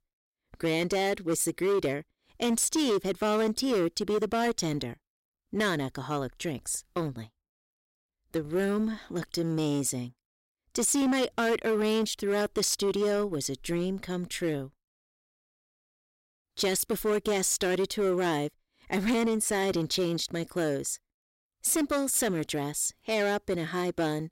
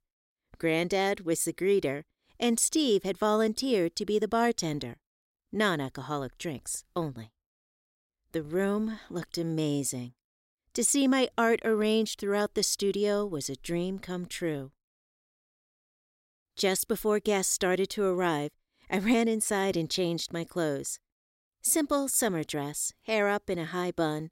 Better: second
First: distortion; slight; 10% of the sound clipped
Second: none

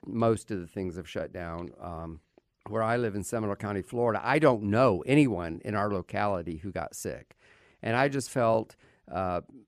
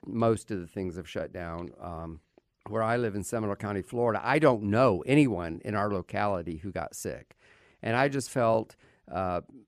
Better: neither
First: none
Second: none

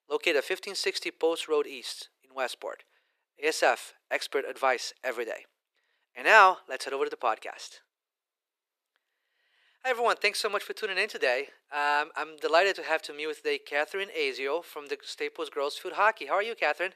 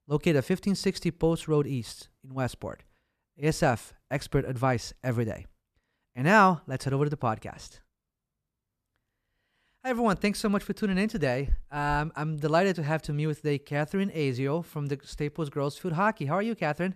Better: second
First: thin; very; fading below 400 Hz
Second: none

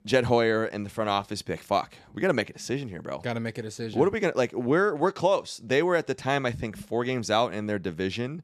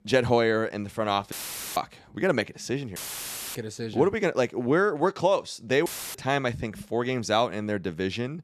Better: first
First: none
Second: audio cutting out; filled with static; at 1.5 s, at 3 s for 0.5 s and at 6 s

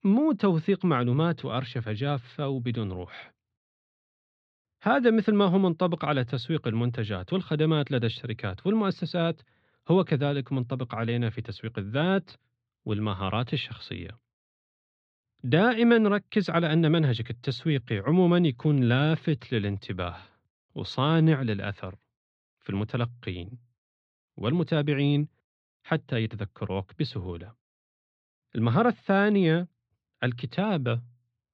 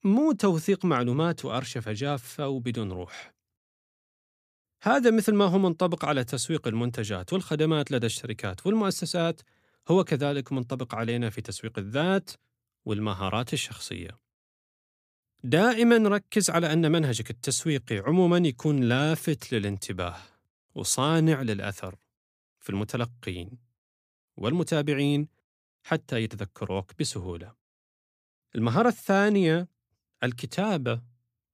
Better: second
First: muffled; slightly; fading above 4 kHz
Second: none

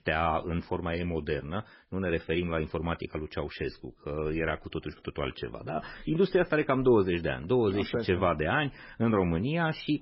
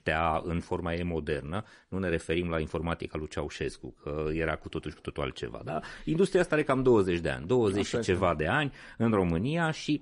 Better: second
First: garbled, watery; badly; nothing above 5.5 kHz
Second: garbled, watery; slightly; nothing above 10.5 kHz

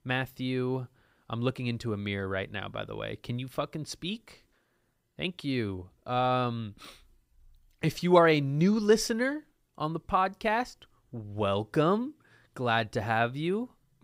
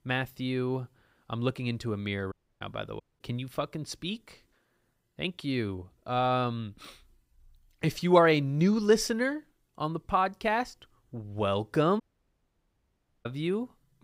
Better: first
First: none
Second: audio cutting out; at 2.5 s, at 3 s and at 12 s for 1.5 s

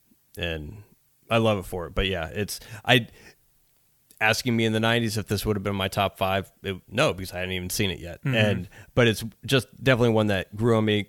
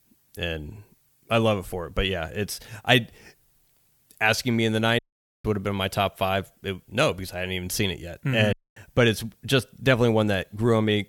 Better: first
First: none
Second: audio cutting out; at 5 s and at 8.5 s

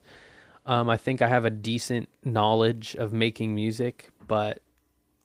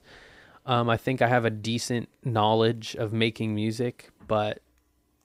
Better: second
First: garbled, watery; slightly; nothing above 15.5 kHz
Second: none

